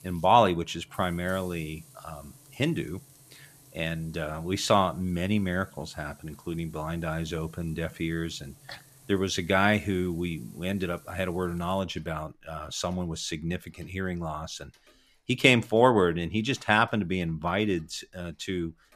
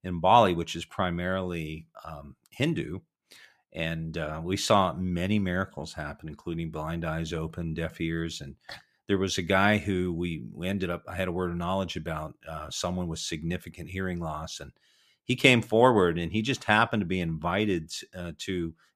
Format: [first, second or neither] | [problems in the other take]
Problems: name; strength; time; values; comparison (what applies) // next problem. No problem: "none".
second | household noises; faint; throughout; 25 dB below the speech